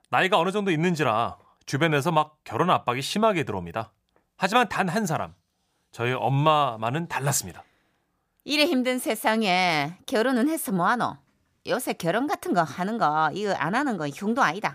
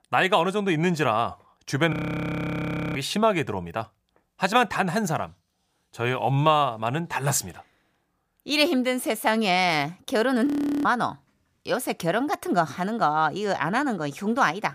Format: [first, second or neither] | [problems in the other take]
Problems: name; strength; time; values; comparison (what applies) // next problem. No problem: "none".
first | audio freezing; at 2 s for 1 s and at 10 s